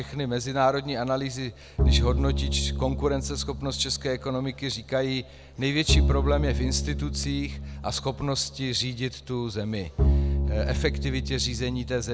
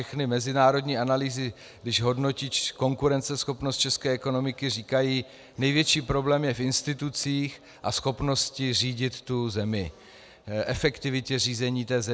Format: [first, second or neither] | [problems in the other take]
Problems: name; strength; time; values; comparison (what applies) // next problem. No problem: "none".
second | background sound (Bowed string instrument); as loud as the speech